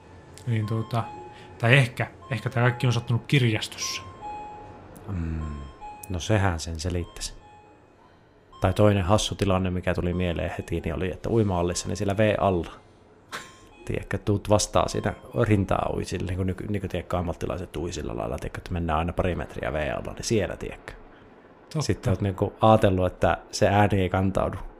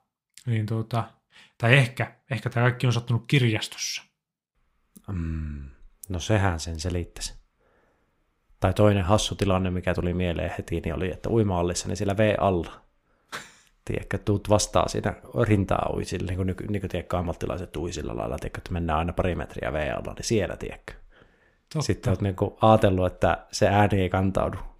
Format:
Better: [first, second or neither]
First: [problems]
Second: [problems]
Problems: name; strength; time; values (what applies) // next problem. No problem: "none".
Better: second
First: train or aircraft noise; faint; throughout; 20 dB below the speech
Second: none